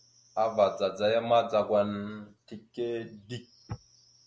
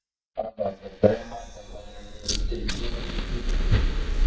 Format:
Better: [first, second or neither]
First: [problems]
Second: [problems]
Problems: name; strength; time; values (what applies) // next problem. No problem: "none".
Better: first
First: none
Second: noise reduction (neural mask model DeepFilterNet 3)